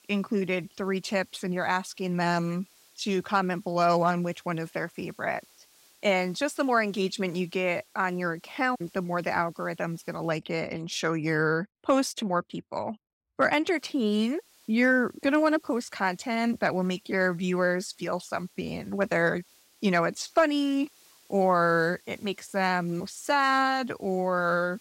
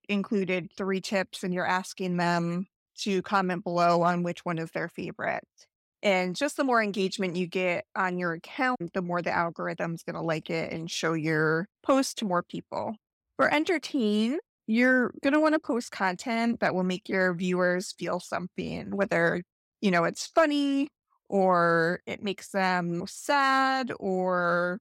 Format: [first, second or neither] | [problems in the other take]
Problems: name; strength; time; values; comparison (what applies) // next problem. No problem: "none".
second | hiss; faint; until 10 s and from 14 s on; 30 dB below the speech